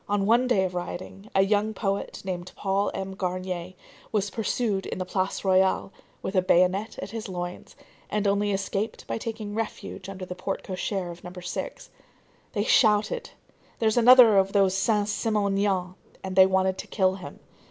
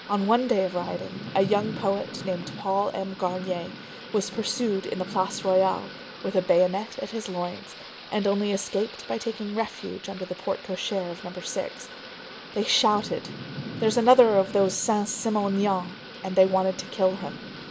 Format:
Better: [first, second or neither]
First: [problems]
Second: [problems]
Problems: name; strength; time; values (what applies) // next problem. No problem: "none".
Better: first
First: none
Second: background sound (Thunder / Rain); 13 dB below the speech